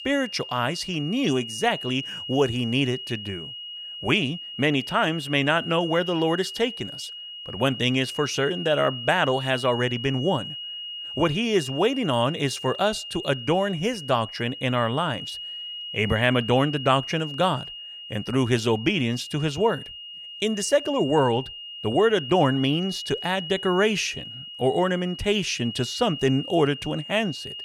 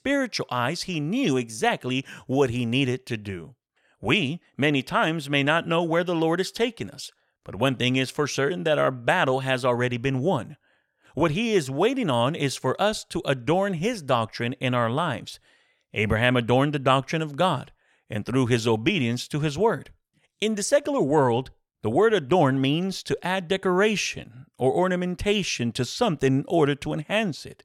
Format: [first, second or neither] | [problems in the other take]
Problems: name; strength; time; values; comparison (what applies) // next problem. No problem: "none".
second | high-pitched whine; loud; throughout; 3 kHz, 10 dB below the speech